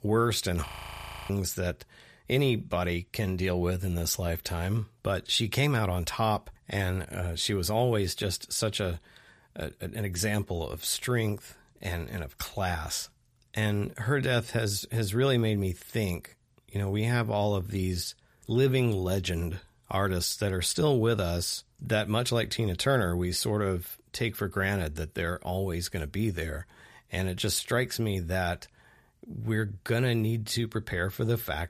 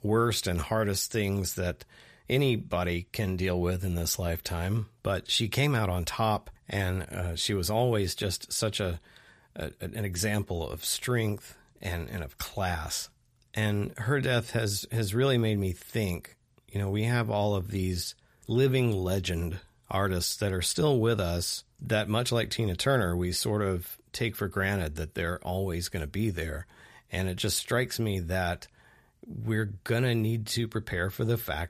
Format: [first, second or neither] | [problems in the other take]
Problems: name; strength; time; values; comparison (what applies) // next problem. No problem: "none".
second | audio freezing; at 0.5 s for 0.5 s